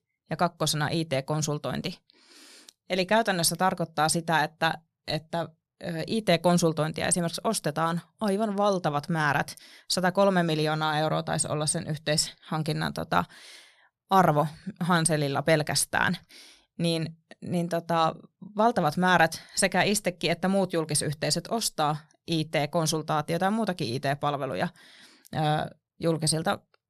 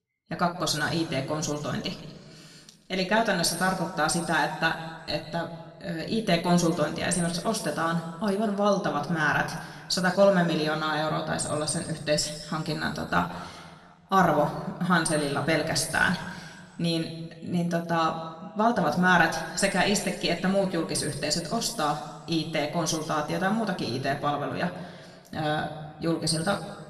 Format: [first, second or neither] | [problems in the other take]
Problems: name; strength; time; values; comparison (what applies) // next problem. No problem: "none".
first | room echo; slight; dies away in 1.4 s // off-mic speech; somewhat distant